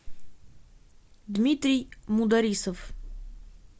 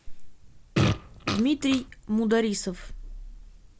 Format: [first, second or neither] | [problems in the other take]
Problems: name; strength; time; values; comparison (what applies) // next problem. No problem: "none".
first | background sound (Fart); 1 dB above the speech